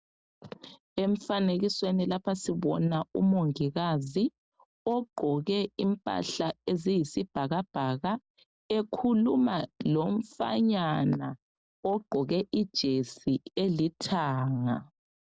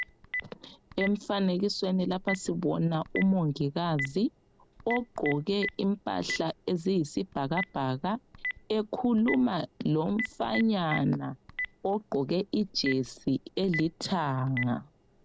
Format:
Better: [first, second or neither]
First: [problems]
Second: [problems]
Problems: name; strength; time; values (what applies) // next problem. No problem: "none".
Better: first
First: none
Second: background sound (Telephone); 11 dB below the speech